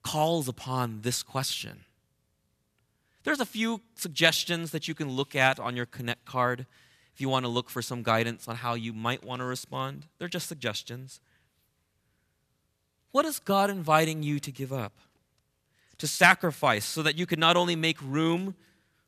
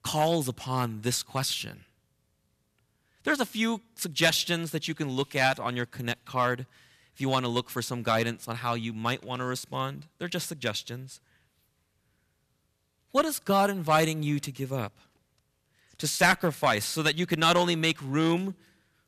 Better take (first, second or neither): first